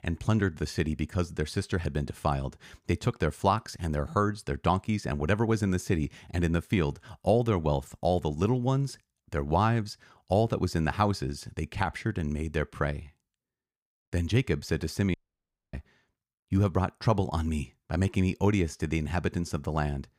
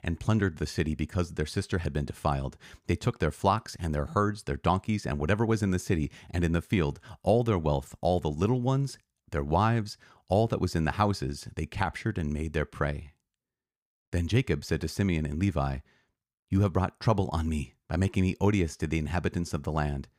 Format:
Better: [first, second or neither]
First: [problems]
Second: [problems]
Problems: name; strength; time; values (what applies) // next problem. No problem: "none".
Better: second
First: audio cutting out; at 15 s for 0.5 s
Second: none